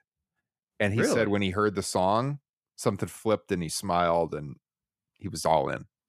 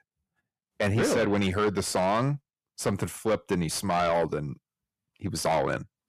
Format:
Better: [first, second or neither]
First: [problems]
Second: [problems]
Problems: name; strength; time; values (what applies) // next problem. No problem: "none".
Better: first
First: none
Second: distortion; heavy; 8 dB below the speech